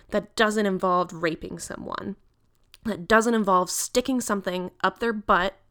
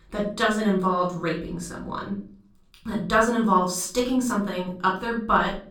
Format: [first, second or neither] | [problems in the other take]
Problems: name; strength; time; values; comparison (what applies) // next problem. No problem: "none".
first | off-mic speech; far // room echo; slight; dies away in 0.4 s